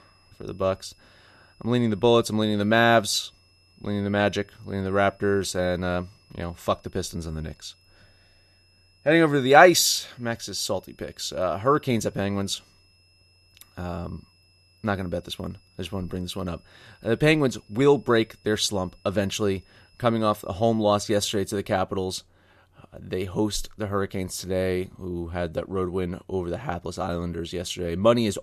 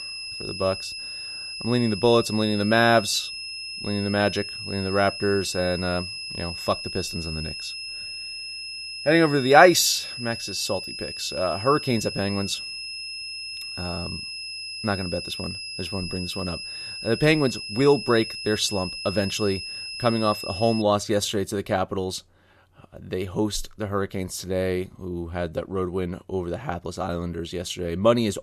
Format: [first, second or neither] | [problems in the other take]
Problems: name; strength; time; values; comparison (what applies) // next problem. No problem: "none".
first | high-pitched whine; loud; until 21 s; 5 kHz, 7 dB below the speech; faint in the first